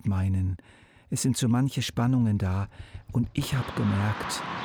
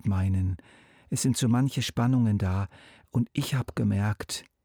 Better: second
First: traffic noise; noticeable; throughout; 10 dB below the speech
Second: none

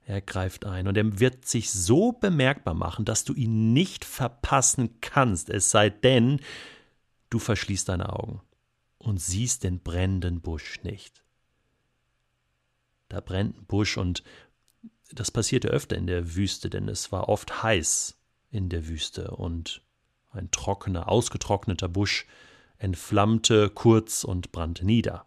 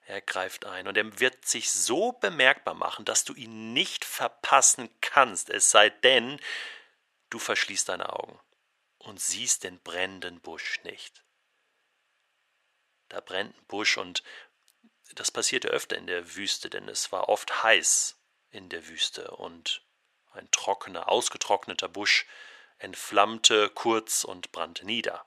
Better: first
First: none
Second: thin; very; fading below 650 Hz

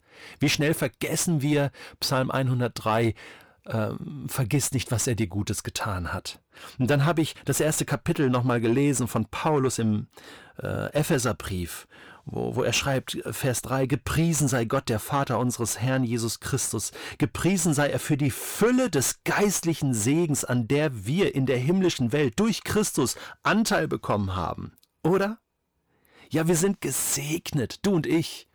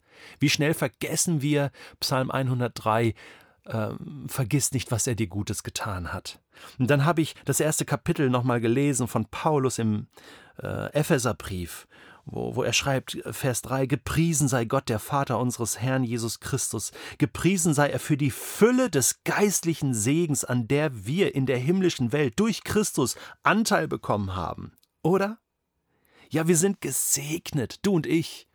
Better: second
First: distortion; slight; 10 dB below the speech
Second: none

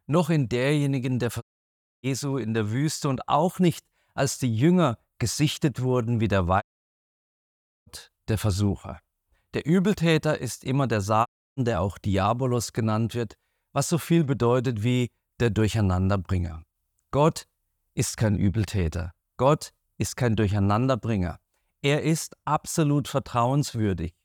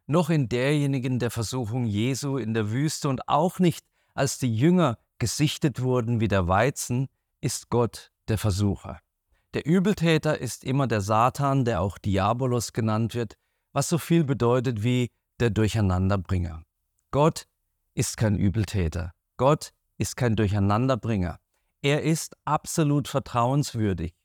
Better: second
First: audio cutting out; at 1.5 s for 0.5 s, at 6.5 s for 1 s and at 11 s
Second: none

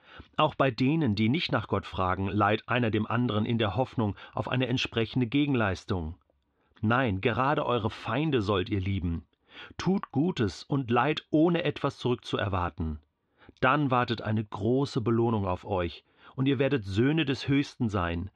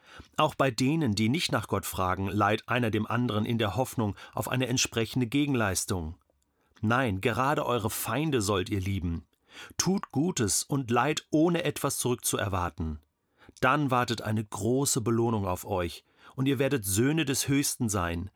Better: second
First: muffled; slightly; fading above 3.5 kHz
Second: none

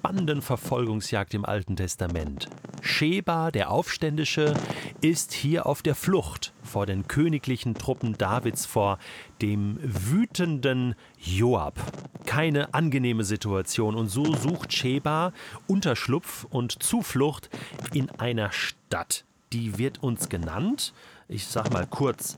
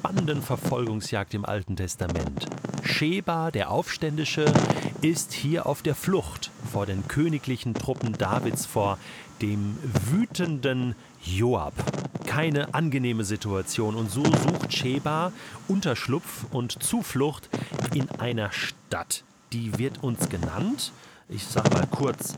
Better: first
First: wind noise on the microphone; occasional gusts; 15 dB below the speech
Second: wind noise on the microphone; heavy; 4 dB below the speech

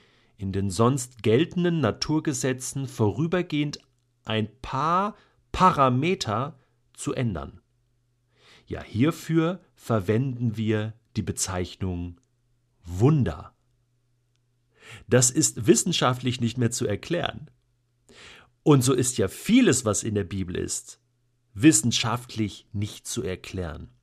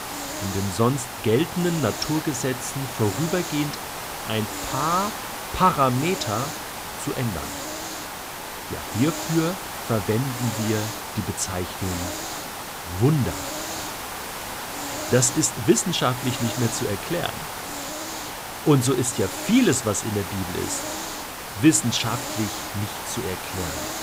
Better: first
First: none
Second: hiss; loud; throughout; 6 dB below the speech

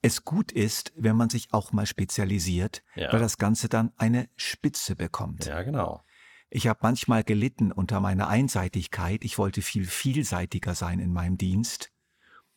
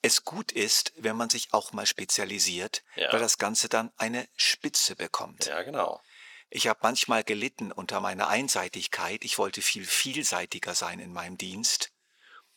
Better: first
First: none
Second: thin; very; fading below 500 Hz

